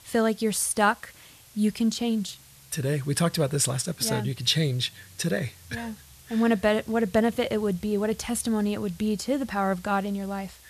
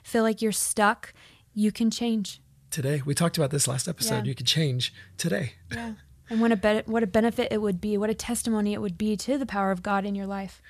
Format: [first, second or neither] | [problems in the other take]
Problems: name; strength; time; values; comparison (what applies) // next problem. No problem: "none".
second | hiss; faint; throughout; 25 dB below the speech